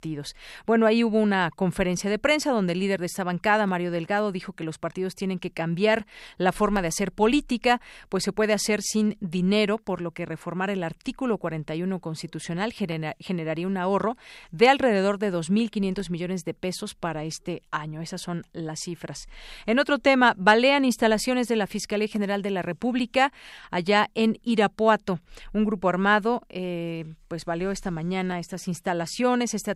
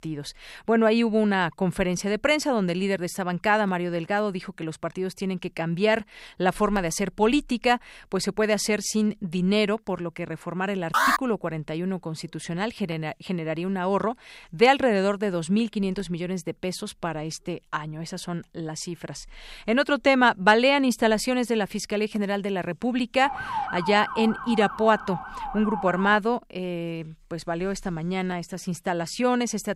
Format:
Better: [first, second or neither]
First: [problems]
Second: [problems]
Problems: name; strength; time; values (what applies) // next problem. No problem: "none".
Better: first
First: none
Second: alarm; loud; at 11 s; peak 3 dB above the speech // siren; noticeable; from 23 to 26 s; peak 4 dB below the speech